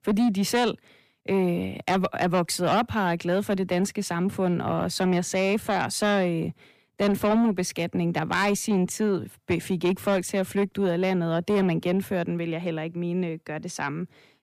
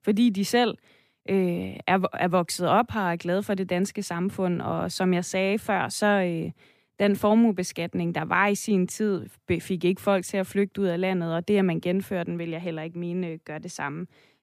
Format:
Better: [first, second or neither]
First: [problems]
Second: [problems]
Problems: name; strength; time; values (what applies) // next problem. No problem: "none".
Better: second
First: distortion; slight; 10 dB below the speech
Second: none